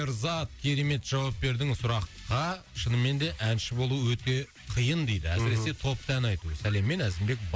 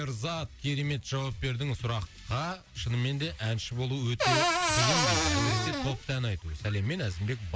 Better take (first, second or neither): first